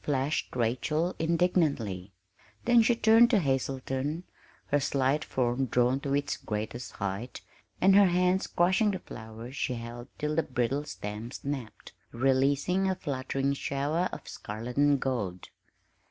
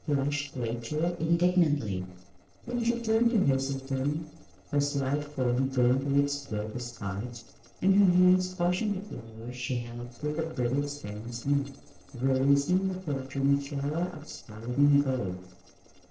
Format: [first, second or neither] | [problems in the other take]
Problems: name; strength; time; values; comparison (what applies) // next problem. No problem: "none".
first | noise reduction (neural separator model SepFormer DNS4)